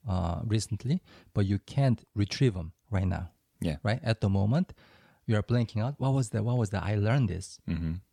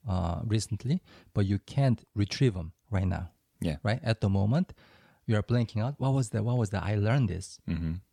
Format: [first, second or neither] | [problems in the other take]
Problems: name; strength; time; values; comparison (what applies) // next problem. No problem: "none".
neither | none